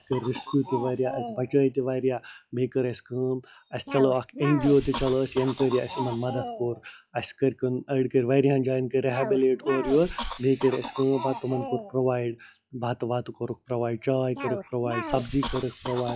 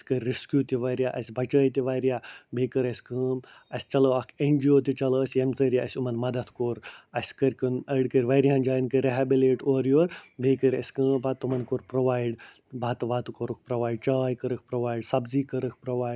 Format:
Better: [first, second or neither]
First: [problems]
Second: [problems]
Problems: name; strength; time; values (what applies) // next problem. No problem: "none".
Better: second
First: noise reduction (classical method log-MMSE)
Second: none